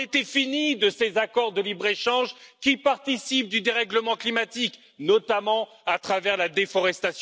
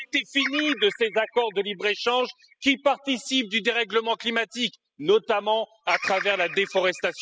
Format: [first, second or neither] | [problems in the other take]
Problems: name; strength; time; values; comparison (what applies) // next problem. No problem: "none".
first | noise reduction (classical method spectral subtraction)